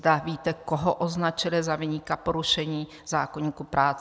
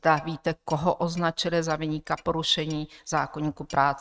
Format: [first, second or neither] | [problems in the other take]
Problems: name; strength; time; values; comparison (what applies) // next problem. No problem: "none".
first | noise reduction (neural mask model RNNoise)